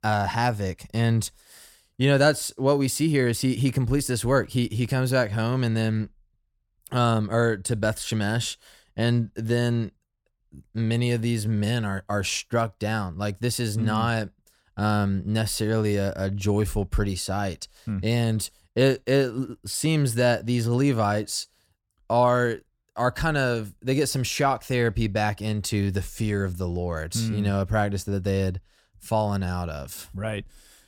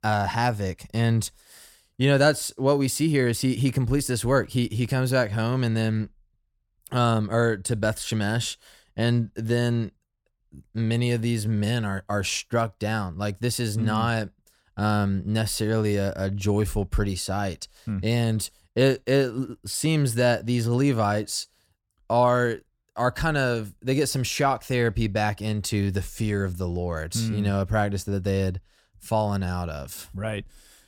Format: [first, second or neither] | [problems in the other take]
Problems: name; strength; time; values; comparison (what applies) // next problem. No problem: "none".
neither | none